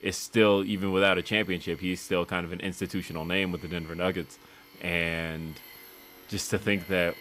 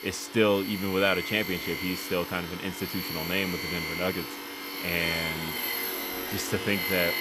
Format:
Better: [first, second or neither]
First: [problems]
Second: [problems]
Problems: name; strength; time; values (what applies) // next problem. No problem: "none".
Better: first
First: machinery noise; faint; throughout; 20 dB below the speech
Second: machinery noise; loud; throughout; 3 dB below the speech